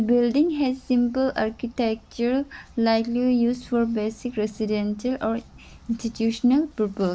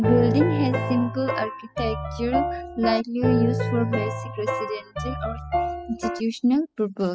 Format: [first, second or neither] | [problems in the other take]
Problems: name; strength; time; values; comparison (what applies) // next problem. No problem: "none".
first | noise reduction (classical method spectral subtraction)